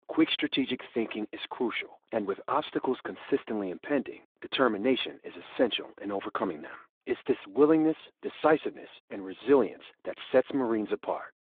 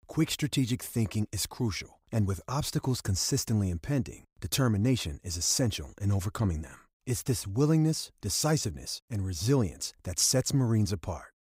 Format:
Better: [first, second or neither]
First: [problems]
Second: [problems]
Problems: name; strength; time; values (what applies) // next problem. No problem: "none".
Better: second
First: phone-call audio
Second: none